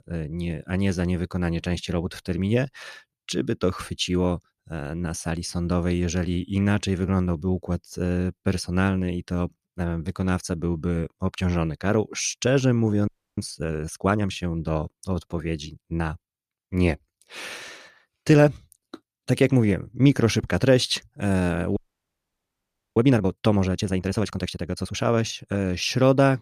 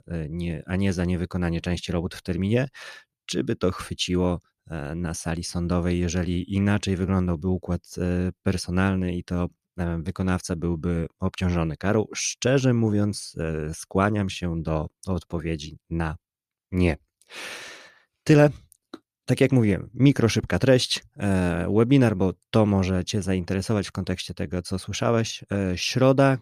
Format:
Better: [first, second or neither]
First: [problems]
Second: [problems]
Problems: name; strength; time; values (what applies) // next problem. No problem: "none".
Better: second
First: audio freezing; at 13 s and at 22 s for 1 s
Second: none